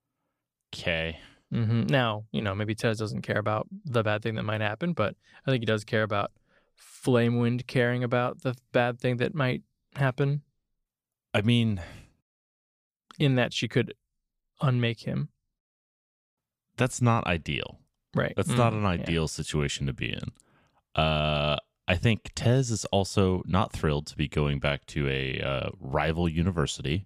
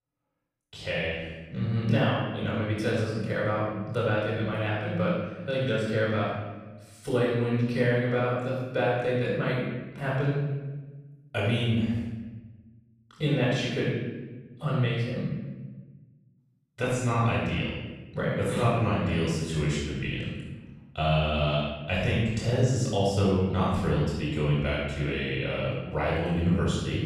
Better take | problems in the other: first | off-mic speech; far // room echo; strong; dies away in 1.2 s

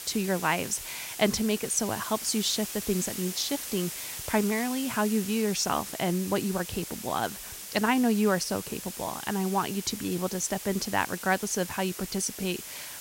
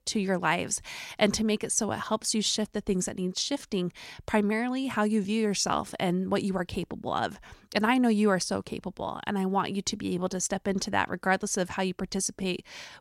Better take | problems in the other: second | hiss; loud; throughout; 8 dB below the speech

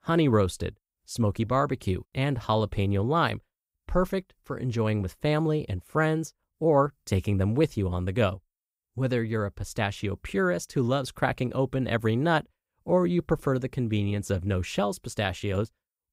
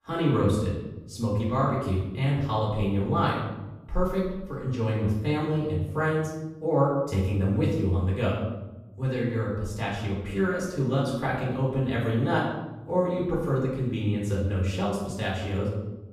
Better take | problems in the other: first | room echo; noticeable; dies away in 1 s // off-mic speech; far

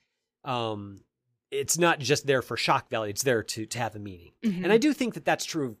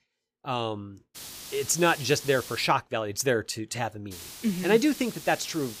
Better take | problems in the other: first | hiss; noticeable; from 1 to 2.5 s and from 4 s on; 15 dB below the speech

